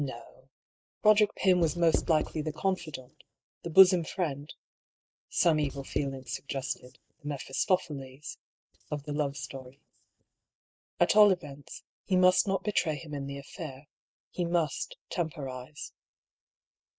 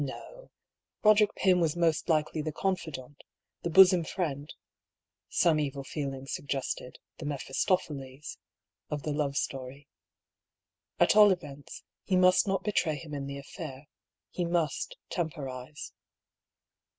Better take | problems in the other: second | noise reduction (neural mask model DeepFilterNet 3)

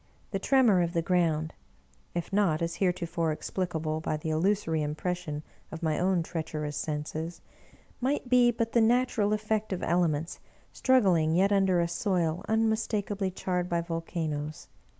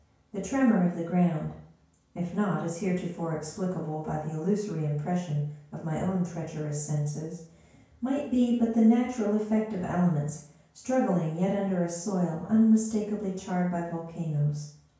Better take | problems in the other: first | room echo; dies away in 0.5 s

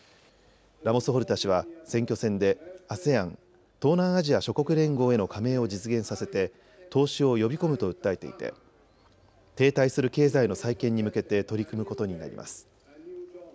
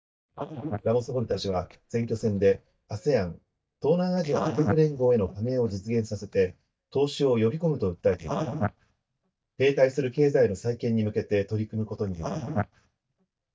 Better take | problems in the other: first | noise reduction (neural mask model DeepFilterNet 3)

